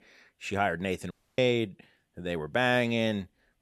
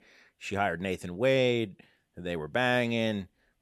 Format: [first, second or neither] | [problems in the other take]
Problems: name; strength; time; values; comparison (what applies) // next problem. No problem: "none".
second | audio cutting out; at 1 s